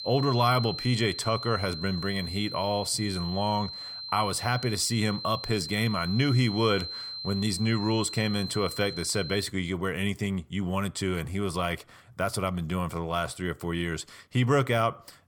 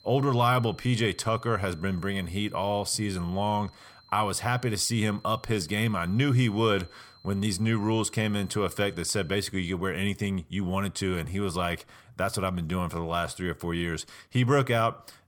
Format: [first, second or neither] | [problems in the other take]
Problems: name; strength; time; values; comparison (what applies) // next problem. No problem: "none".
second | high-pitched whine; loud; until 9.5 s; 4 kHz, 7 dB below the speech; faint in the second